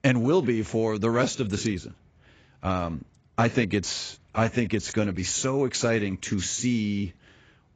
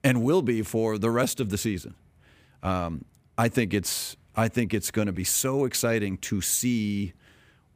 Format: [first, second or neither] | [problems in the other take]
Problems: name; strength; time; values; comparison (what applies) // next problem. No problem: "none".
second | garbled, watery; badly; nothing above 7.5 kHz